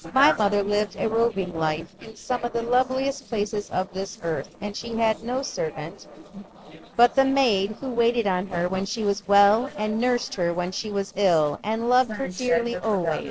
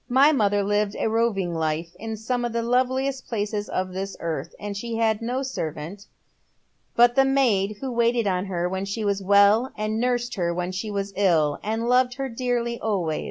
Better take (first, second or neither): second